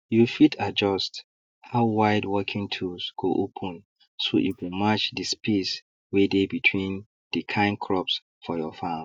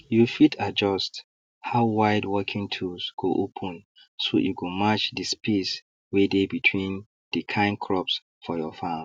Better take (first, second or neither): second